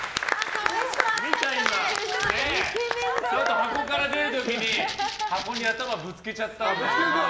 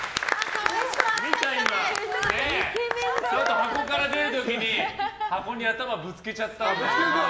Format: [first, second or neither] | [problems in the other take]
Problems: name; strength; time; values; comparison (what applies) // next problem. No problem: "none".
second | background sound (Rattle (instrument)); 11 dB below the speech